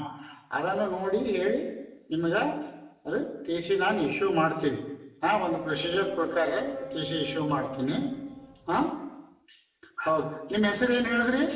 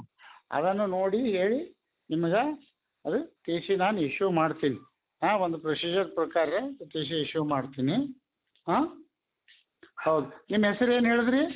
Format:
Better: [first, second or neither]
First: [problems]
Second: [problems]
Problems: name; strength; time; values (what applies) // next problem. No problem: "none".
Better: second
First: background sound (Boat, Water vehicle); 11 dB below the speech // room echo; dies away in 1 s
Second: none